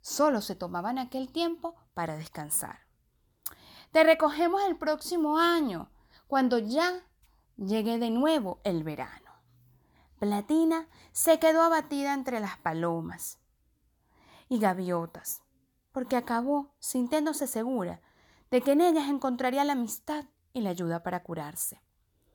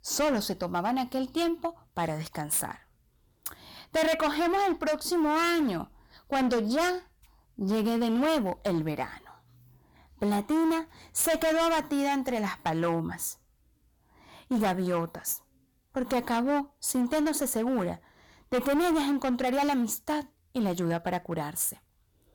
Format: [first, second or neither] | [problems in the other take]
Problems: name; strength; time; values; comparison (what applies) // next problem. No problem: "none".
first | distortion; heavy; 14% of the sound clipped